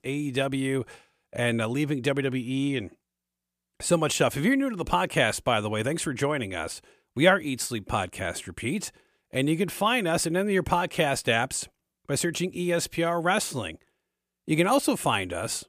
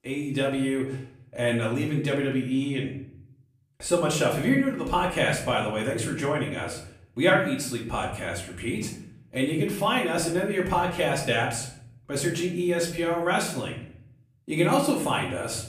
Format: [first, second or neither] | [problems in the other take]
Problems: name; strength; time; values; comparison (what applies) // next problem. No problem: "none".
first | room echo; slight; dies away in 0.6 s // off-mic speech; far